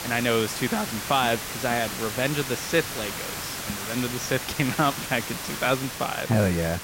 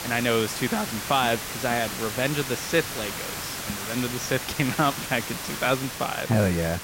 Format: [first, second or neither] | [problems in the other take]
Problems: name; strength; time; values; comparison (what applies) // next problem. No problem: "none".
neither | hiss; loud; throughout; 5 dB below the speech; the same in both